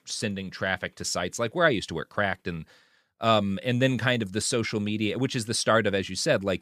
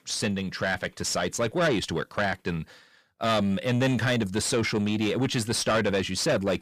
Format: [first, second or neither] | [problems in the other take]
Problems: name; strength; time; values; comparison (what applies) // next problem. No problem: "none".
first | distortion; heavy; 8 dB below the speech